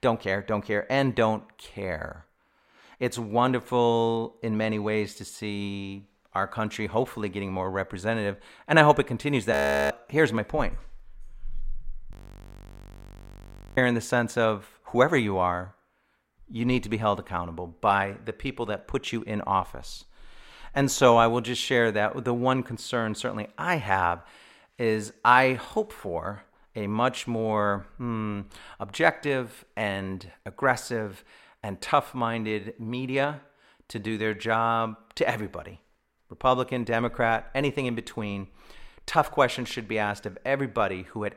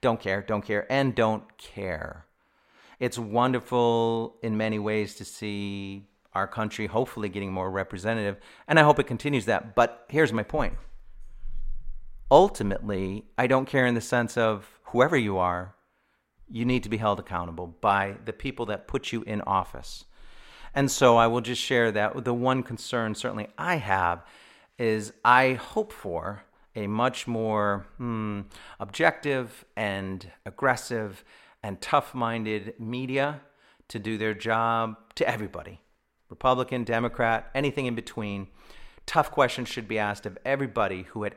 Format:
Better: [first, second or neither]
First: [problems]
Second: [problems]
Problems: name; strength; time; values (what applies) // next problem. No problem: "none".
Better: second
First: audio freezing; at 9.5 s and at 12 s for 1.5 s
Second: none